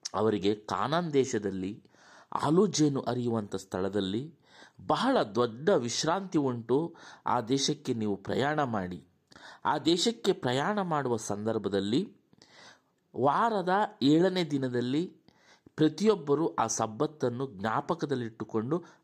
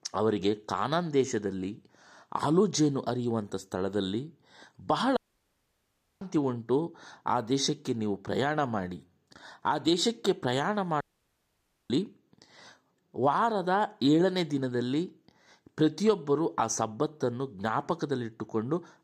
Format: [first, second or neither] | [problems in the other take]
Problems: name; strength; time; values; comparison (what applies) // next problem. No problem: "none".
first | audio cutting out; at 5 s for 1 s and at 11 s for 1 s